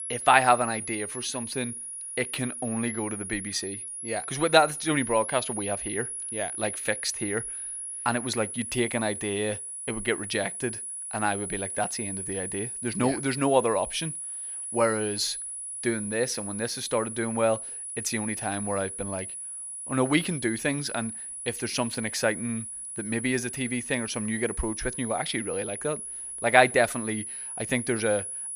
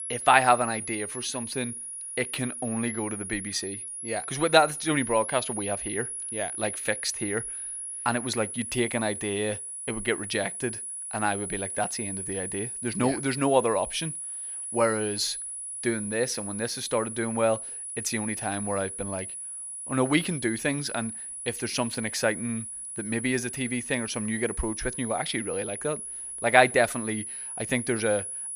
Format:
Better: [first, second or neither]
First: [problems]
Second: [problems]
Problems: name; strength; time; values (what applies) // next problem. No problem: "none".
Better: neither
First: high-pitched whine; loud; throughout; 10 kHz, 5 dB below the speech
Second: high-pitched whine; loud; throughout; 10 kHz, 5 dB below the speech